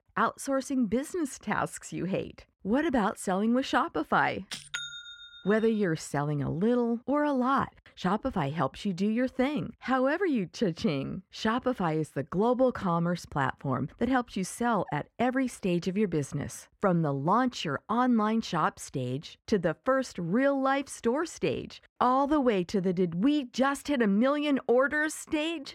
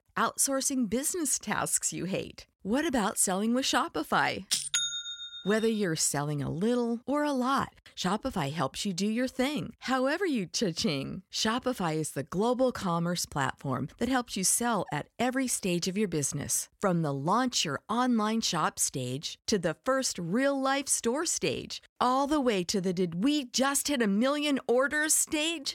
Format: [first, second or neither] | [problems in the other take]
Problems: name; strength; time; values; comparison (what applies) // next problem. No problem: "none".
second | muffled; slightly; fading above 3.5 kHz